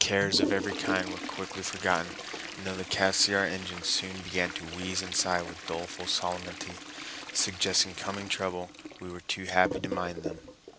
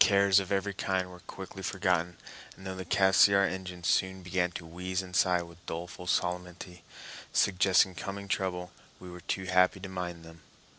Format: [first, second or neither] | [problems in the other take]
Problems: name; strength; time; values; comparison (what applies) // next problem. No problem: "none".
second | background sound (Toilet flush); 7 dB below the speech